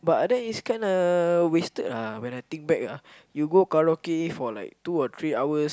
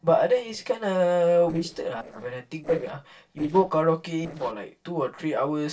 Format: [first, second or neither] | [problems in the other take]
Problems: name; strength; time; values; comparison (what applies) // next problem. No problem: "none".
first | noise reduction (neural separator model SepFormer DNS4)